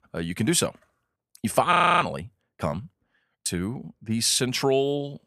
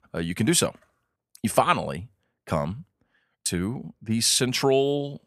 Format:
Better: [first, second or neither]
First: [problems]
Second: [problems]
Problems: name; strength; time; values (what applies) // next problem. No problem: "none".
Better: second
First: audio freezing; at 1.5 s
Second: none